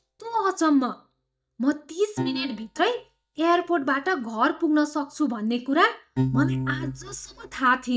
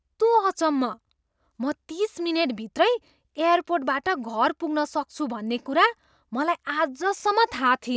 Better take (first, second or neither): second